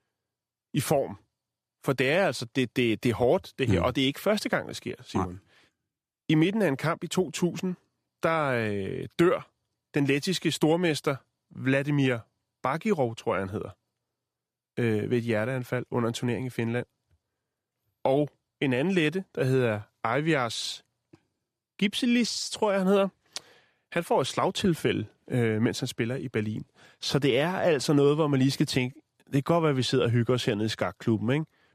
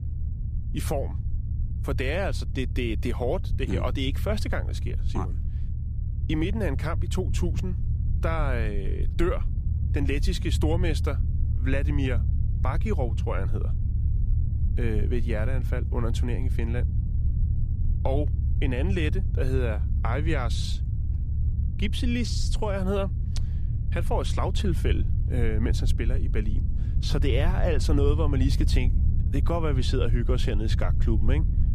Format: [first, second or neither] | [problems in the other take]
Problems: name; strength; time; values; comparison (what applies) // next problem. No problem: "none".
first | low rumble; noticeable; throughout; 10 dB below the speech